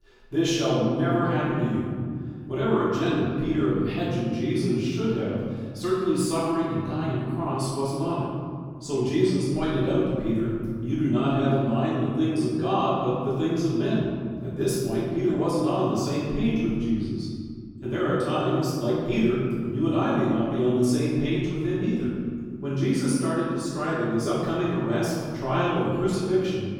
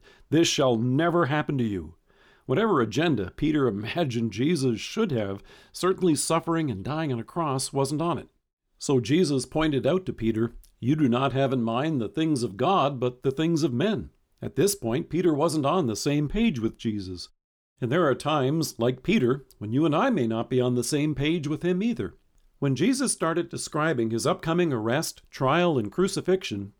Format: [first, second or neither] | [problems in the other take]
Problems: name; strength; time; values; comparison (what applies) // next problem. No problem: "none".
second | room echo; strong; dies away in 2.2 s // off-mic speech; far